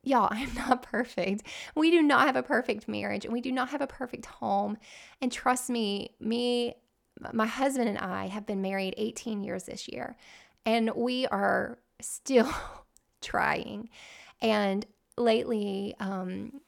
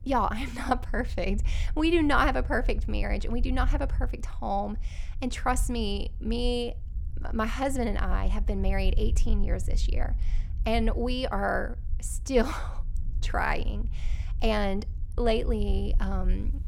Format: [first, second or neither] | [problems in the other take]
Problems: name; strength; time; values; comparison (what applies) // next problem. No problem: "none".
first | low rumble; faint; throughout; 25 dB below the speech